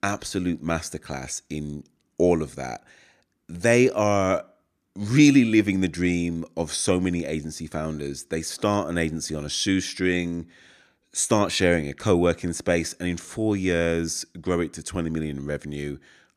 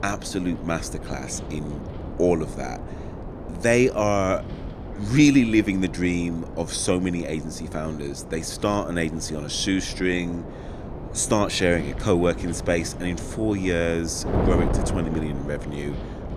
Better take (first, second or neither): first